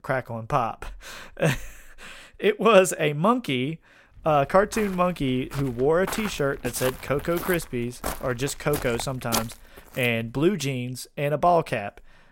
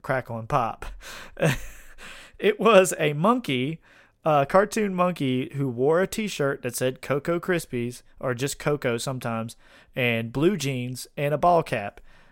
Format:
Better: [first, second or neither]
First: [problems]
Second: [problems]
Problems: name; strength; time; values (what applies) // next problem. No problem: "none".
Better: second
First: footsteps; noticeable; from 4.5 to 10 s; peak 4 dB below the speech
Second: none